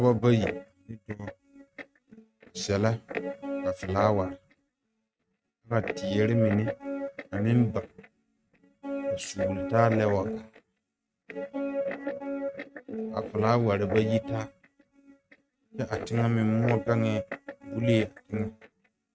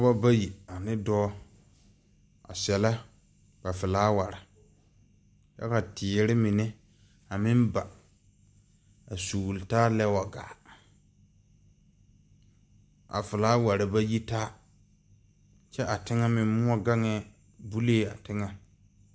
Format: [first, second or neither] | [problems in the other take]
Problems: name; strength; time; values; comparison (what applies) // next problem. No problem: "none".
second | noise reduction (neural mask model RNNoise)